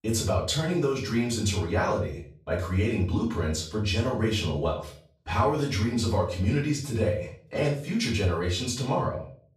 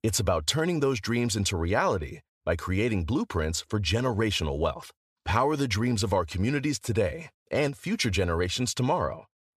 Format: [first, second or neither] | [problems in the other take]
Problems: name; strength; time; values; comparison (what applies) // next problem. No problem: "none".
second | room echo; slight; dies away in 0.4 s // off-mic speech; far